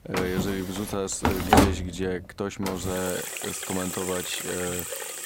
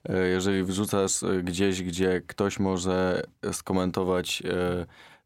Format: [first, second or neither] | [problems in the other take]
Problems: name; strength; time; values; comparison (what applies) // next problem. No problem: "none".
second | household noises; very loud; throughout; 3 dB above the speech